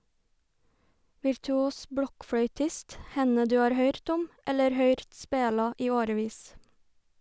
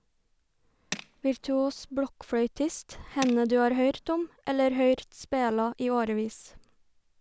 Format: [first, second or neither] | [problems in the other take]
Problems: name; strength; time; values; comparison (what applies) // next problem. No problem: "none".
first | background sound (Tools); 15 dB below the speech